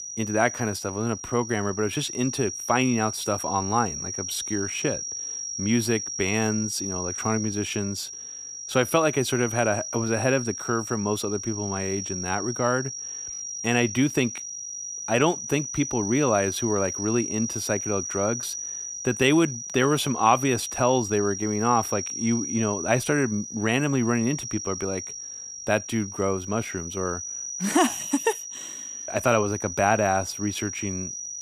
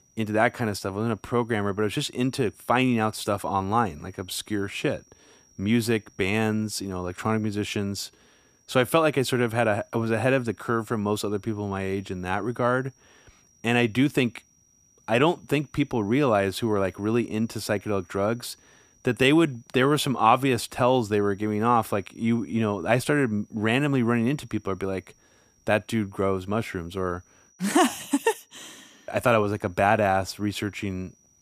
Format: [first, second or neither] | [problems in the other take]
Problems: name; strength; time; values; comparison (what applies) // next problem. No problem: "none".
second | high-pitched whine; loud; throughout; 5.5 kHz, 6 dB below the speech; faint in the second